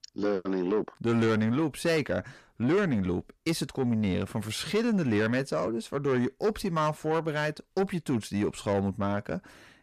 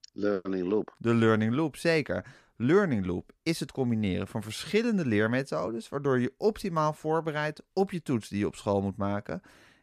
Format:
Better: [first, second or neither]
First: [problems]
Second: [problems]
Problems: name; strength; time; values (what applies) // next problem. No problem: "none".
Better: second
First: distortion; slight; 10 dB below the speech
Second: none